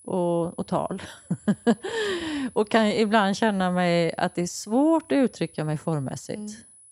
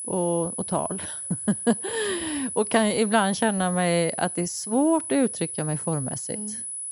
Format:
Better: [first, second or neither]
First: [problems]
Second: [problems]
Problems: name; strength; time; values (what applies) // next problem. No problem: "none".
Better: first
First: high-pitched whine; faint; throughout; 10 kHz, 25 dB below the speech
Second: high-pitched whine; loud; throughout; 10 kHz, 5 dB below the speech